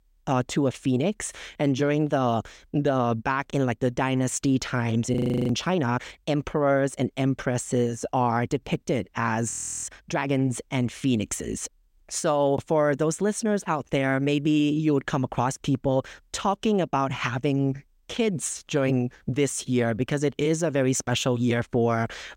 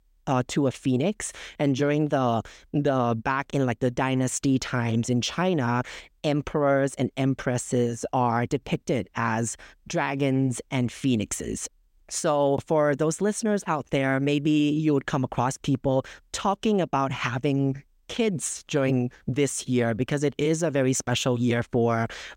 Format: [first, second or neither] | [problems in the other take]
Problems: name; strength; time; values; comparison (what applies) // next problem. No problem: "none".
second | audio freezing; at 5 s and at 9.5 s